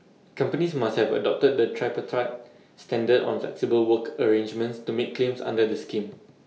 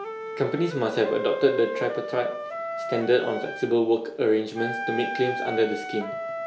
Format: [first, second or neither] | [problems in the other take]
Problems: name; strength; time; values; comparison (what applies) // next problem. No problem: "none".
first | background sound (Wind instrument, woodwind instrument); 7 dB below the speech